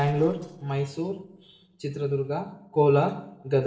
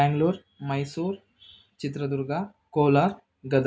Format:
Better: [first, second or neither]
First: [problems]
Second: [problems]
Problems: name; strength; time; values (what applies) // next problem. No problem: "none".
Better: second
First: noise reduction (neural separator model SepFormer DNS4)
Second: none